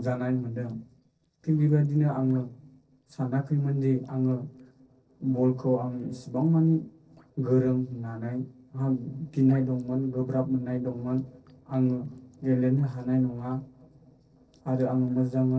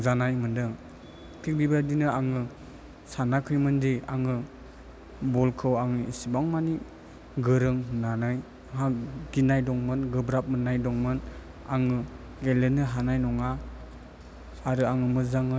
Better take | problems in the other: second | noise reduction (neural separator model SepFormer DNS4)

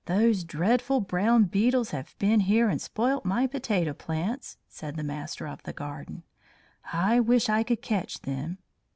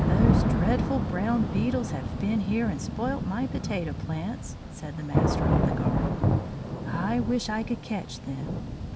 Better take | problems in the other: first | background sound (Thunder / Rain); 3 dB above the speech

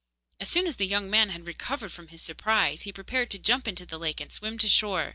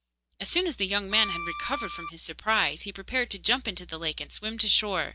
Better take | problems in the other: first | background sound (Bowed string instrument); 5 dB below the speech

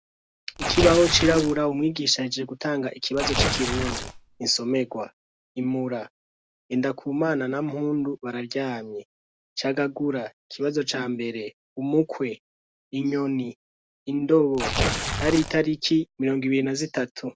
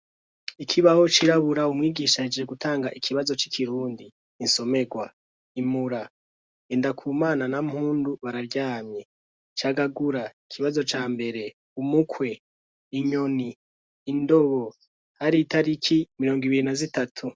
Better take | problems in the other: second | background sound (Tearing); 2 dB below the speech

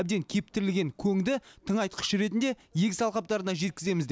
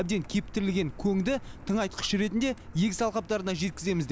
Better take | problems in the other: first | background sound (Car); 15 dB below the speech

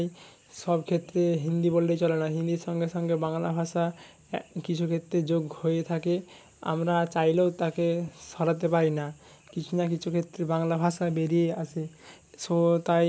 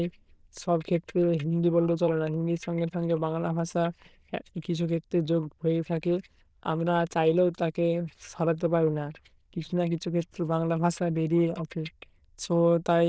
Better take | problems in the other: first | noise reduction (neural diffusion model UNIVERSE++)

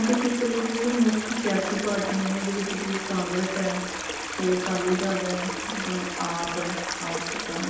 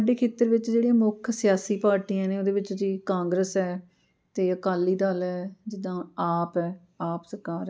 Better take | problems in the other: second | background sound (Stream); 5 dB below the speech // room echo; dies away in 0.9 s

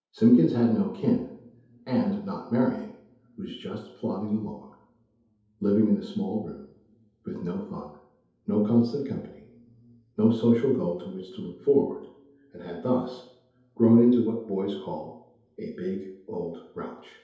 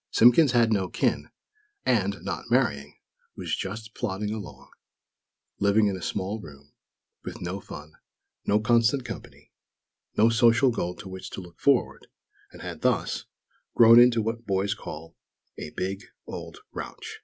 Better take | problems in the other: second | room echo; dies away in 0.8 s

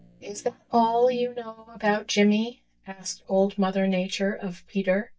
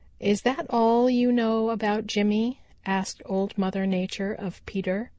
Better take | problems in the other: second | noise reduction (neural mask model DeepFilterNet 3)

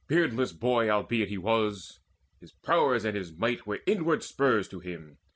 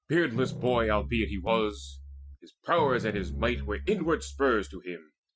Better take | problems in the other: first | noise reduction (classical method Wiener filter)

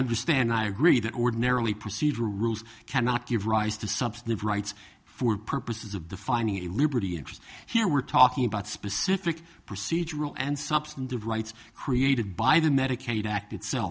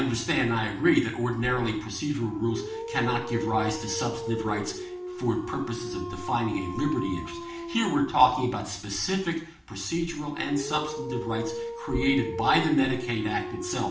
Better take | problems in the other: first | background sound (Dog); 9 dB below the speech // room echo; dies away in 0.5 s

